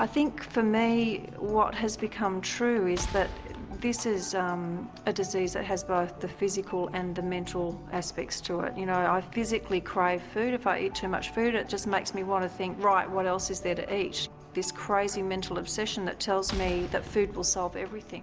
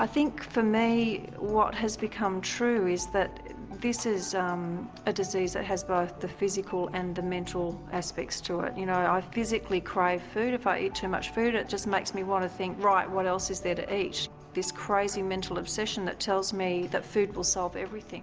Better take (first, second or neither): second